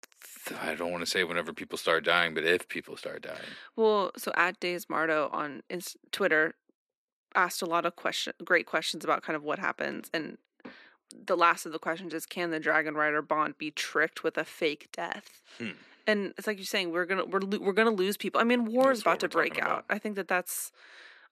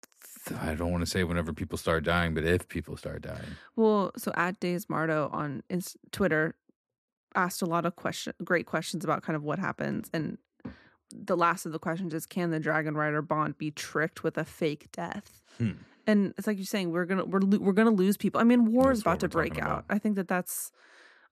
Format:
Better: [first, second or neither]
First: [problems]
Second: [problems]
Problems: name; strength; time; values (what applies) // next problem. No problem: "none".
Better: second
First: thin; somewhat; fading below 400 Hz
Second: none